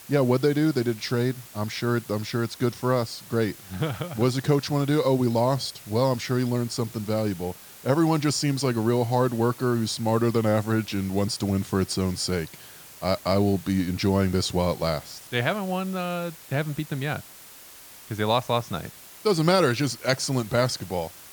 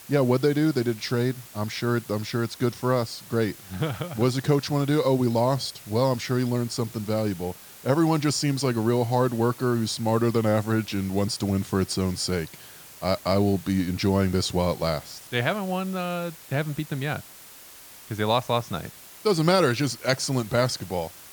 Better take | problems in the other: neither | hiss; noticeable; throughout; 20 dB below the speech; the same in both

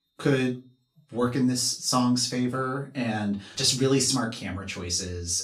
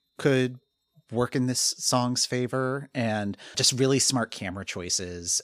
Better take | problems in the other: second | off-mic speech; far // room echo; very slight; dies away in 0.2 s

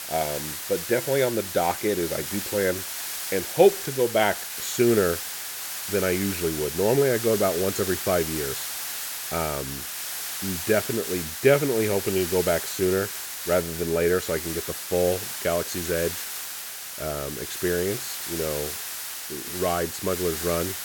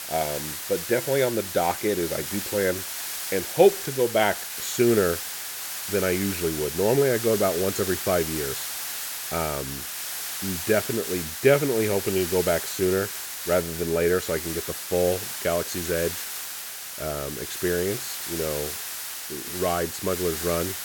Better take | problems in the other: neither | hiss; loud; throughout; 5 dB below the speech; the same in both

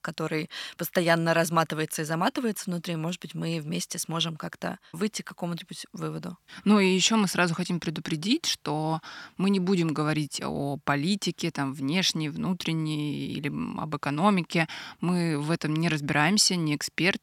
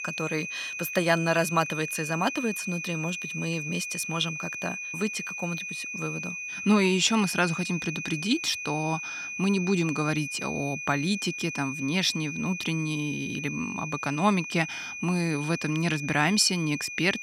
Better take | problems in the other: first | high-pitched whine; loud; throughout; 2.5 kHz, 6 dB below the speech

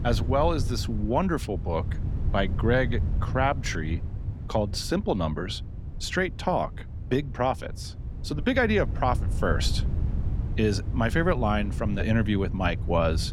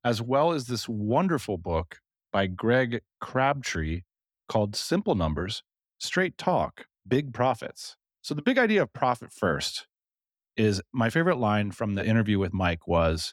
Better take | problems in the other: second | wind noise on the microphone; occasional gusts; 20 dB below the speech

